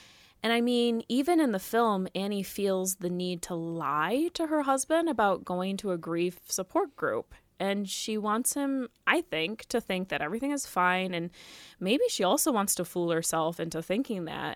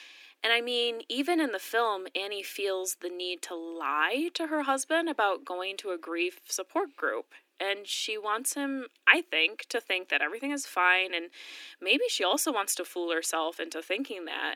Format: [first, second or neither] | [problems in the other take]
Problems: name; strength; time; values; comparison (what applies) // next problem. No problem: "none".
first | thin; very slightly; fading below 250 Hz